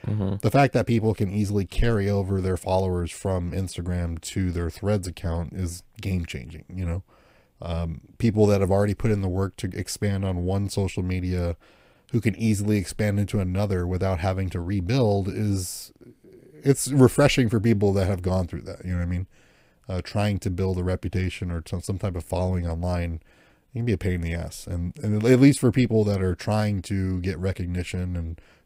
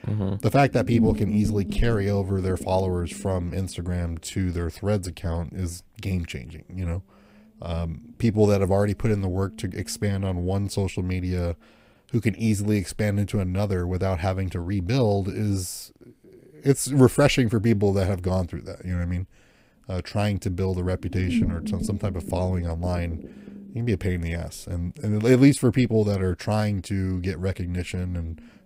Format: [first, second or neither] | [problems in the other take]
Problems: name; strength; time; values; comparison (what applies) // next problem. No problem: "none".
first | low rumble; noticeable; until 14 s and from 16 s on; 10 dB below the speech